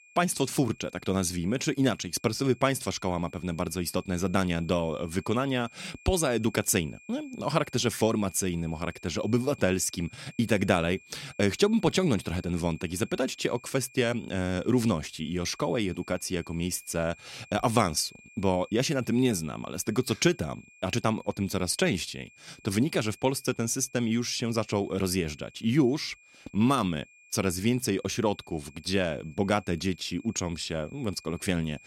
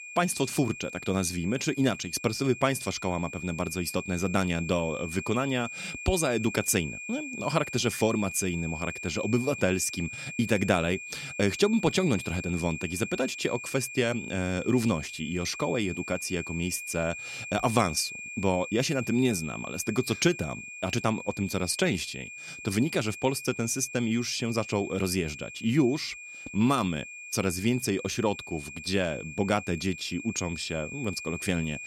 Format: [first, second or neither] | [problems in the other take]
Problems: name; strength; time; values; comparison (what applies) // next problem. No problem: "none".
first | high-pitched whine; loud; throughout; 2.5 kHz, 10 dB below the speech; faint in the first